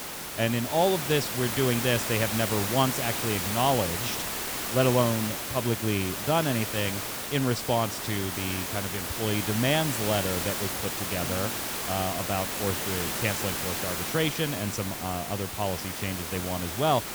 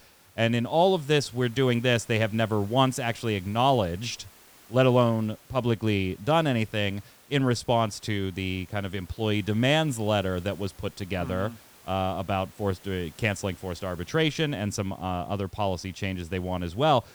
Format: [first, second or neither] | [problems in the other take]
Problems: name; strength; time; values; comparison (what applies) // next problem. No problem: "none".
second | hiss; loud; throughout; 1 dB below the speech; faint in the second